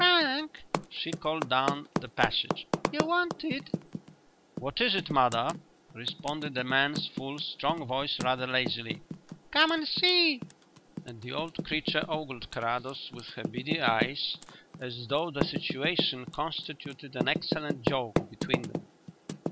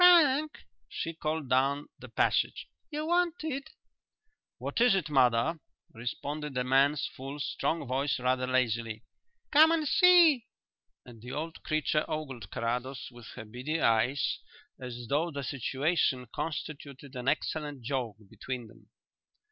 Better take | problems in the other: second | background sound (Typing); 6 dB below the speech

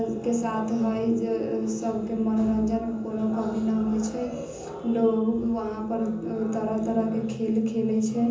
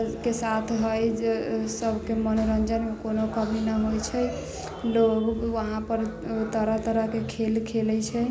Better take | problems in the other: second | room echo; dies away in 0.8 s

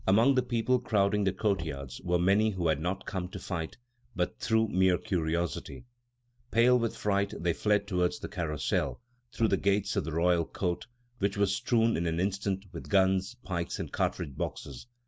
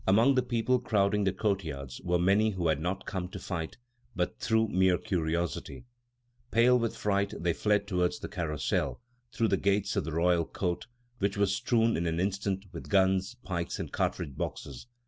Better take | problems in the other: second | background sound (Knock); 17 dB below the speech

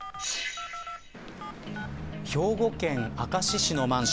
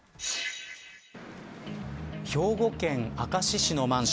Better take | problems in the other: second | background sound (Telephone); 12 dB below the speech

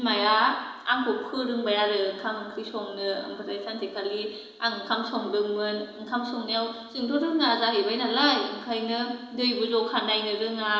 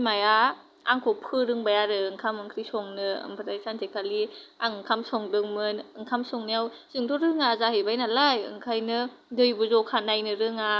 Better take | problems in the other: second | room echo; dies away in 1 s

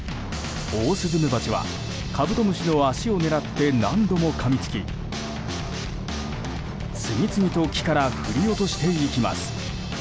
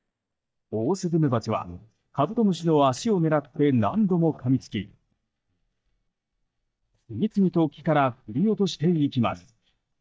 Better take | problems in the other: first | noise reduction (neural mask model DeepFilterNet 3)

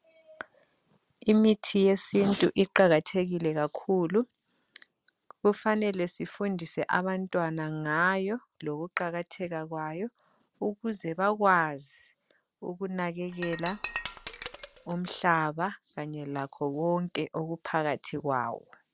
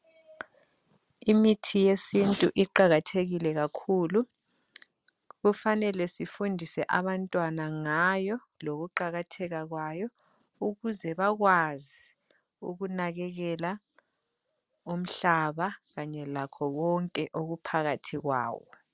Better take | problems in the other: second | background sound (Shatter); 13 dB below the speech

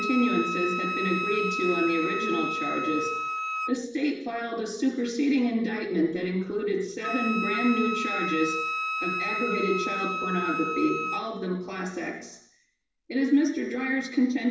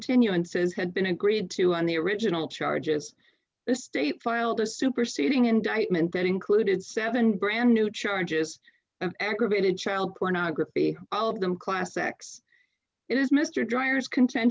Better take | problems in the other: second | background sound (Wind instrument, woodwind instrument); 5 dB below the speech // room echo; dies away in 0.8 s

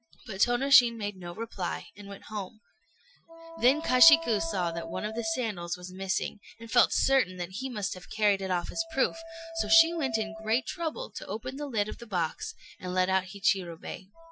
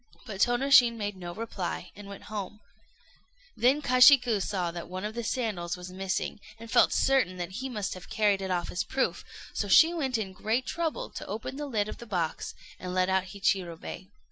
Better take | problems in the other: second | noise reduction (classical method Wiener filter)

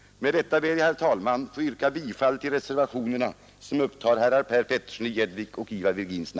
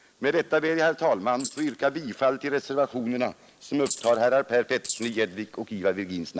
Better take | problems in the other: first | noise reduction (neural mask model Resemble Enhance denoiser)

